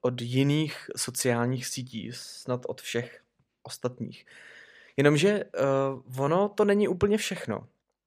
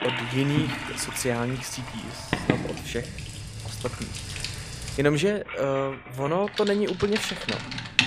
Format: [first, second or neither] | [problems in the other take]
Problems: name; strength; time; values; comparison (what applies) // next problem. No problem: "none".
first | household noises; loud; throughout; 5 dB below the speech